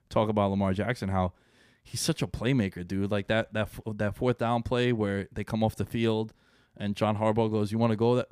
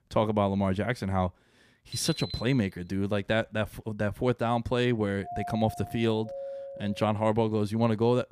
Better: first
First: none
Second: alarm; noticeable; at 2 s; peak 8 dB below the speech // doorbell; noticeable; from 5 to 7.5 s; peak 9 dB below the speech

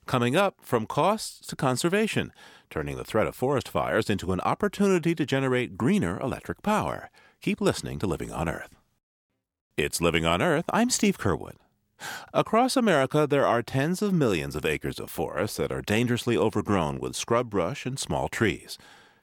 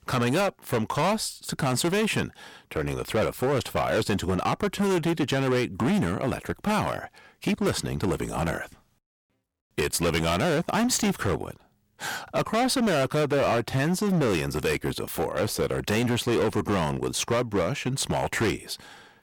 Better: first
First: none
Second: distortion; heavy; 16% of the sound clipped

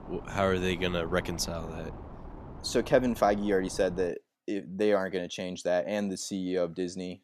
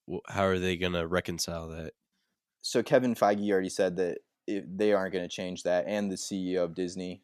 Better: second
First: wind noise on the microphone; occasional gusts; until 4 s; 15 dB below the speech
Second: none

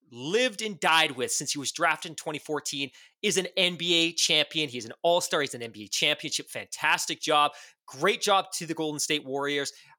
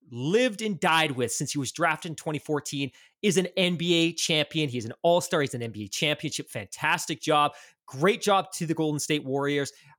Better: second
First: thin; very slightly; fading below 500 Hz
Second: none

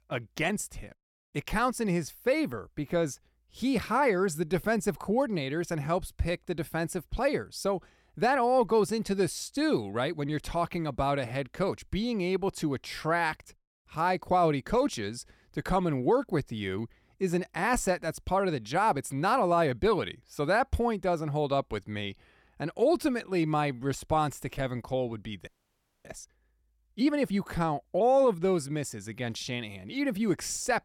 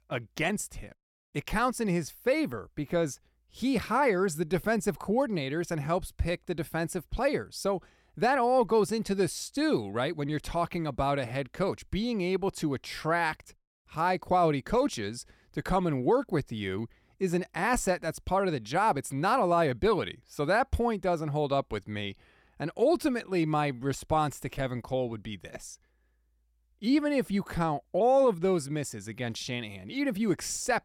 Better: second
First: audio freezing; at 25 s for 0.5 s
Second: none

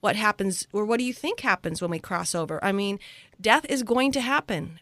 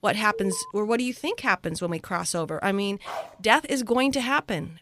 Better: first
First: none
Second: alarm; faint; at 0.5 s; peak 10 dB below the speech // dog barking; faint; at 3 s; peak 10 dB below the speech

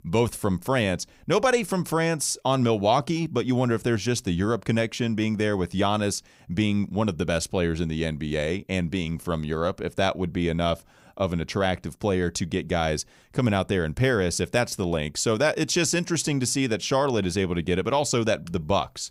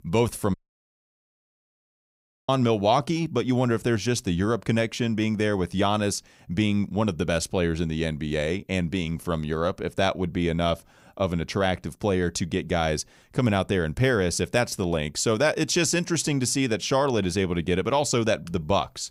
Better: first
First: none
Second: audio cutting out; at 0.5 s for 2 s

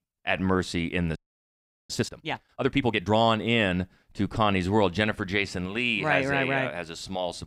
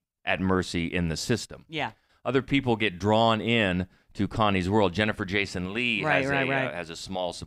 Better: second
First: audio freezing; at 1 s for 0.5 s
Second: none

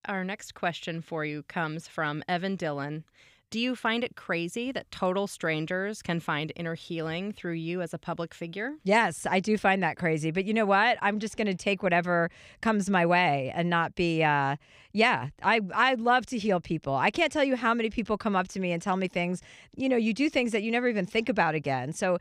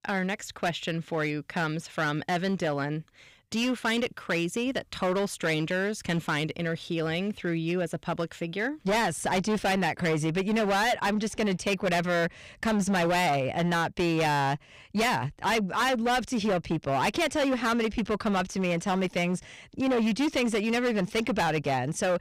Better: first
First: none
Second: distortion; heavy; 16% of the sound clipped

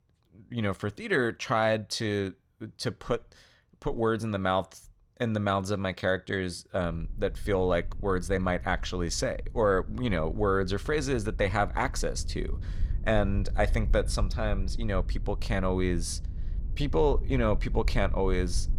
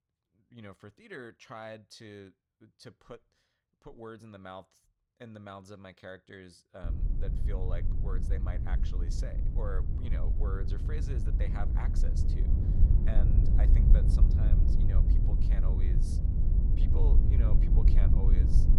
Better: first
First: wind noise on the microphone; occasional gusts; from 7 s on; 25 dB below the speech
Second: wind noise on the microphone; heavy; from 7 s on; 1 dB above the speech

